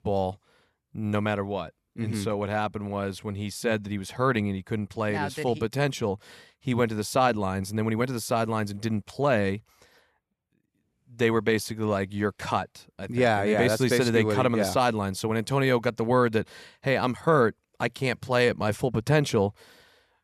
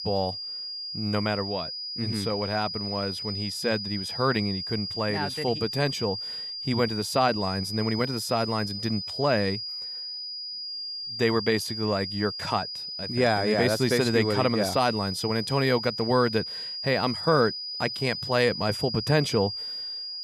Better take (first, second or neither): first